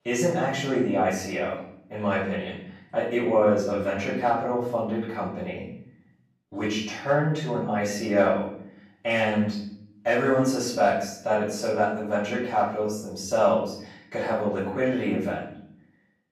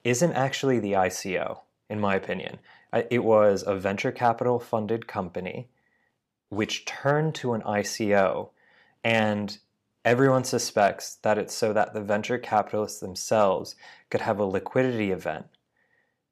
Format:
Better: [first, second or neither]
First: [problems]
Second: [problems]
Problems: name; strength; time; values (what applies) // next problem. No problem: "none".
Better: second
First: off-mic speech; far // room echo; noticeable; dies away in 0.7 s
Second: none